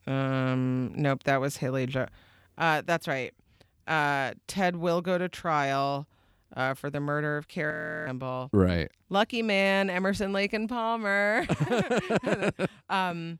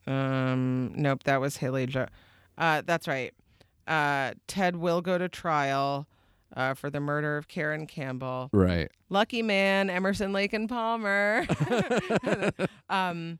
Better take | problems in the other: second | audio freezing; at 7.5 s

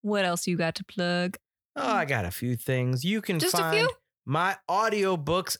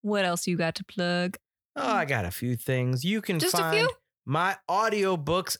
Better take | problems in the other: neither | none

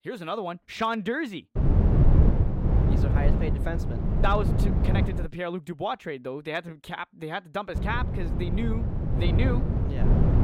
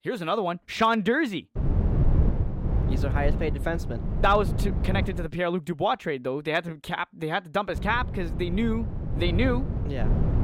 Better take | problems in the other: second | wind noise on the microphone; heavy; from 1.5 to 5.5 s and from 8 s on; 4 dB below the speech; occasional gusts in the second

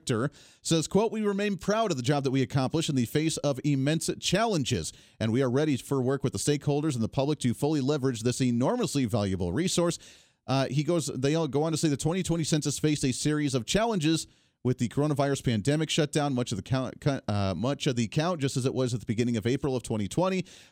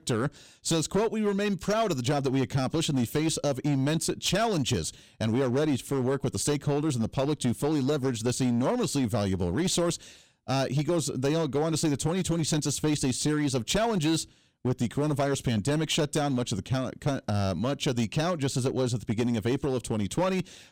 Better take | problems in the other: first | distortion; slight; 9% of the sound clipped

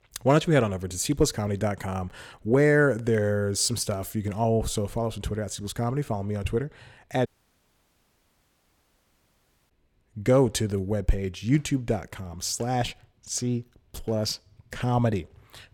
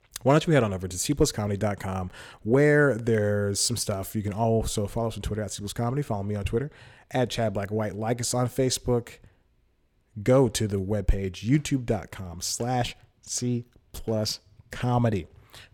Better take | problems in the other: second | audio cutting out; at 7.5 s for 2.5 s

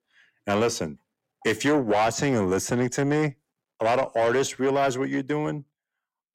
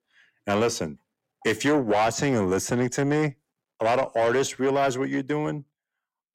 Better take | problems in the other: neither | distortion; slight; 10 dB below the speech; the same in both

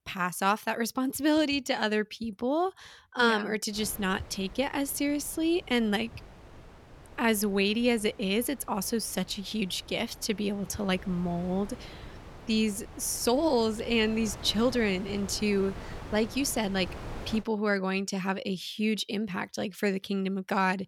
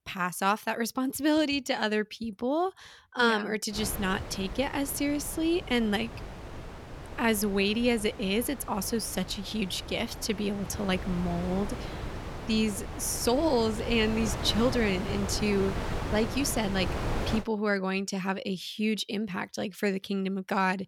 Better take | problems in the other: first | wind noise on the microphone; heavy; from 4 to 17 s; 10 dB below the speech; occasional gusts in the first

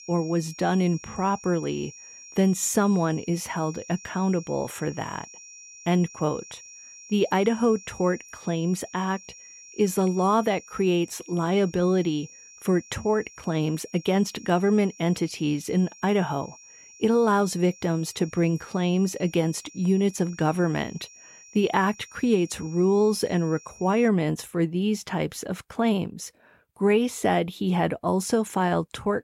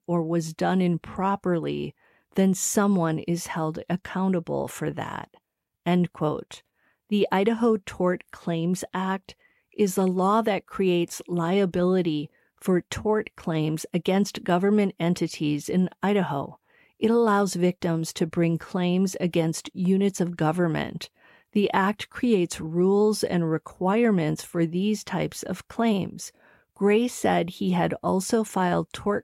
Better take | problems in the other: second | high-pitched whine; noticeable; until 24 s; 5.5 kHz, 20 dB below the speech

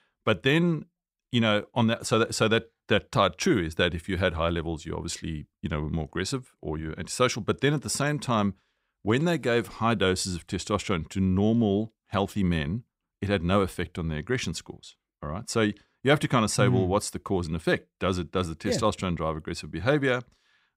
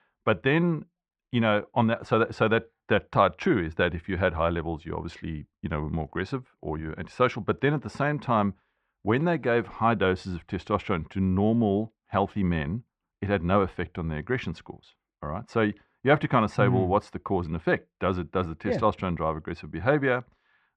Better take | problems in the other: first | muffled; very; fading above 2 kHz

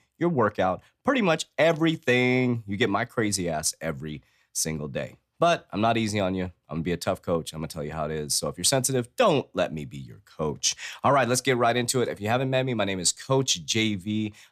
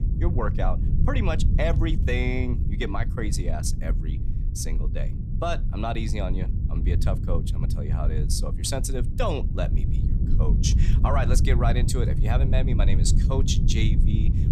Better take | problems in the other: first | low rumble; loud; throughout; 8 dB below the speech

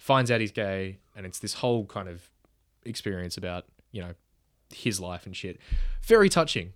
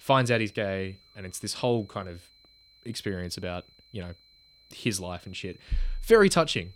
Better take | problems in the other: first | high-pitched whine; faint; throughout; 4 kHz, 30 dB below the speech

